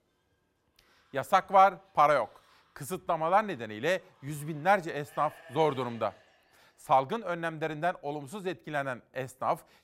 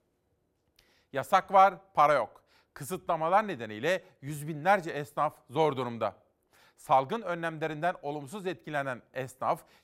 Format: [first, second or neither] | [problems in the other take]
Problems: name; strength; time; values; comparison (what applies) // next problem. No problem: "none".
second | animal sounds; faint; until 7 s; 30 dB below the speech